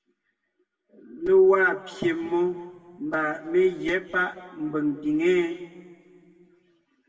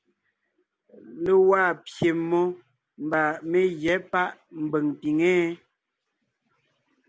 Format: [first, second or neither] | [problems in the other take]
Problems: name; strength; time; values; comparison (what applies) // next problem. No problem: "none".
second | room echo; dies away in 1.7 s